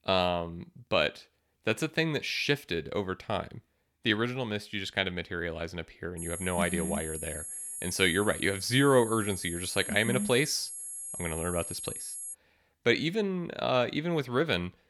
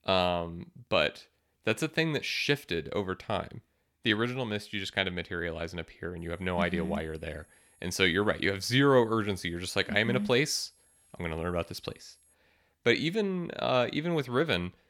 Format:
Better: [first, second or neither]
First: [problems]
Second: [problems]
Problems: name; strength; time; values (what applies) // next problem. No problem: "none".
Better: second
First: high-pitched whine; loud; from 6 to 12 s; 11 kHz, 7 dB below the speech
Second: high-pitched whine; faint; from 6 to 12 s; 11 kHz, 35 dB below the speech